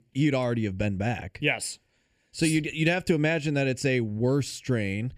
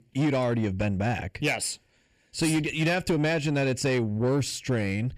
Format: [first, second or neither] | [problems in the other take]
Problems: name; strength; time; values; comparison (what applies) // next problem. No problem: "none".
first | distortion; slight; 10 dB below the speech